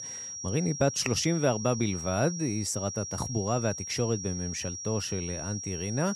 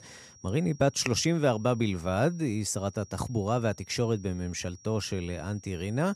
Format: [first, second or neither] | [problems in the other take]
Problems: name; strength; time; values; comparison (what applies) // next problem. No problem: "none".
second | high-pitched whine; loud; throughout; 5.5 kHz, 6 dB below the speech; faint in the second